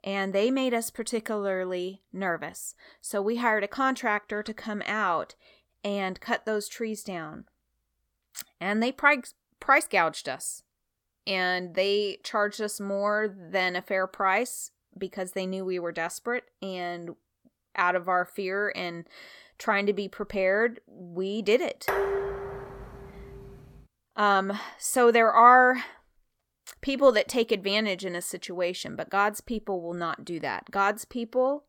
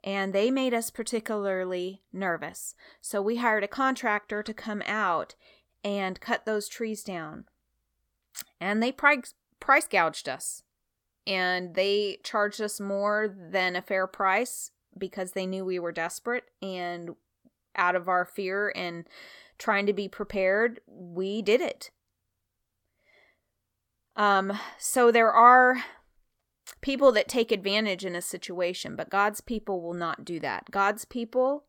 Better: second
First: clattering dishes; noticeable; from 22 to 23 s; peak 1 dB below the speech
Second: none

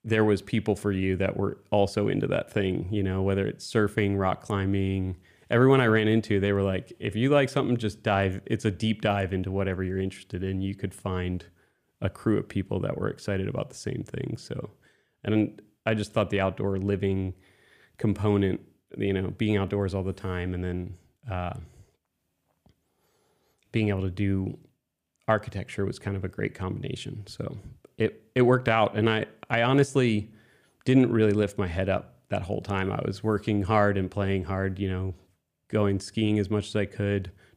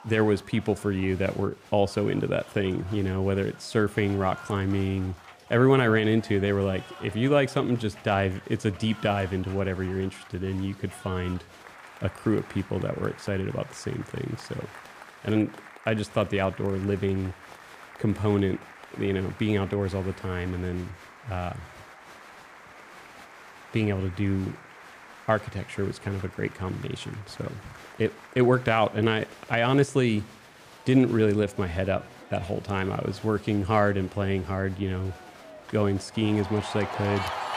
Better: first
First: none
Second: crowd noise; noticeable; throughout; 15 dB below the speech

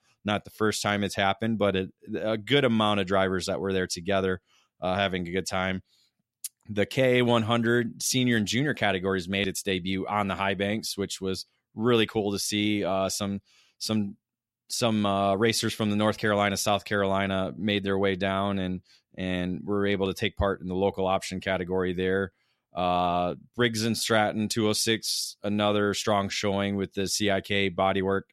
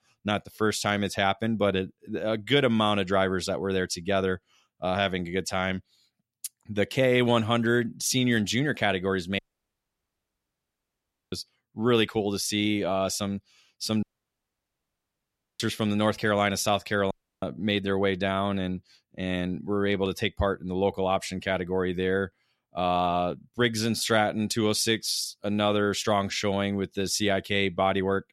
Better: first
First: none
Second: audio cutting out; at 9.5 s for 2 s, at 14 s for 1.5 s and at 17 s

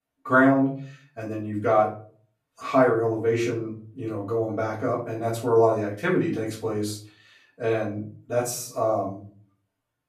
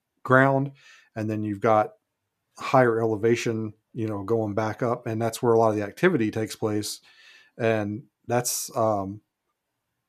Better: second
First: off-mic speech; far // room echo; slight; dies away in 0.4 s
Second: none

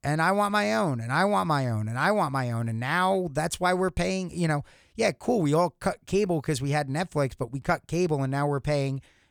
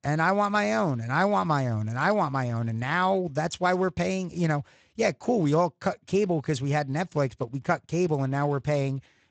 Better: first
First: none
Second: garbled, watery; slightly; nothing above 8 kHz

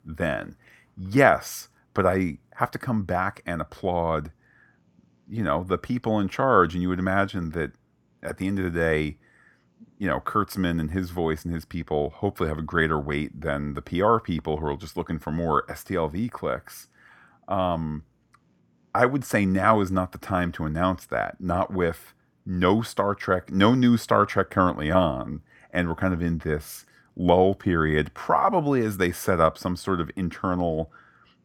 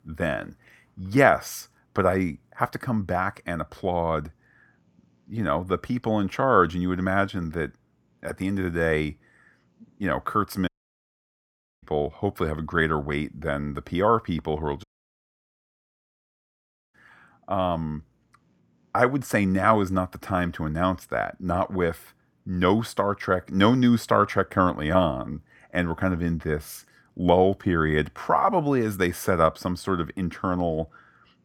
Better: first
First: none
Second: audio cutting out; at 11 s for 1 s and at 15 s for 2 s

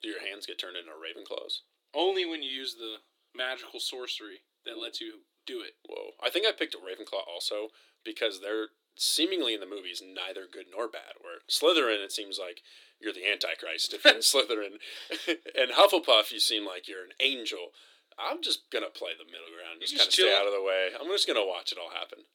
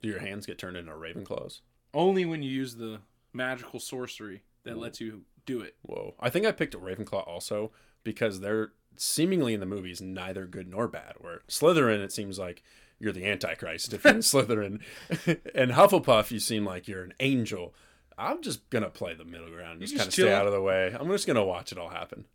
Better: second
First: thin; very; fading below 300 Hz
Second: none

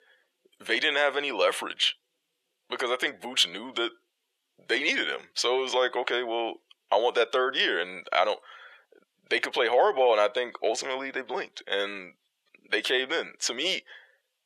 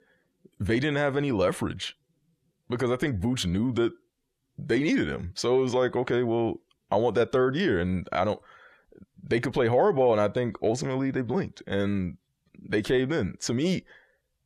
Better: second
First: thin; very; fading below 500 Hz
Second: none

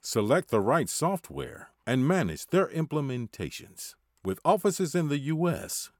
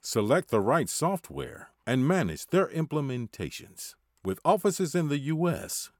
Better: neither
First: none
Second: none

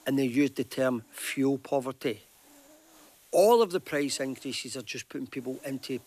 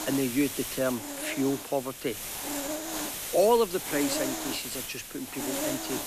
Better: first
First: hiss; faint; throughout; 30 dB below the speech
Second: hiss; loud; throughout; 4 dB below the speech

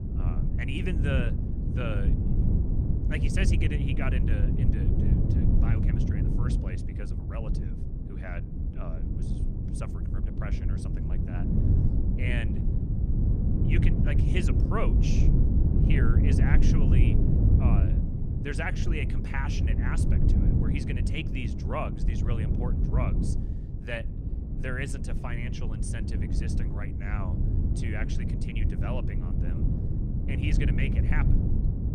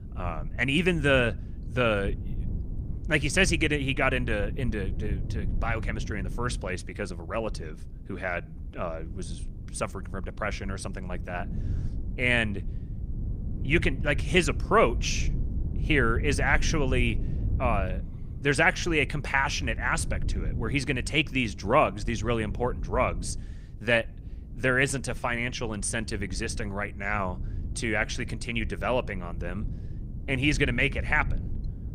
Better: second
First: low rumble; loud; throughout; 1 dB below the speech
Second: low rumble; faint; throughout; 20 dB below the speech

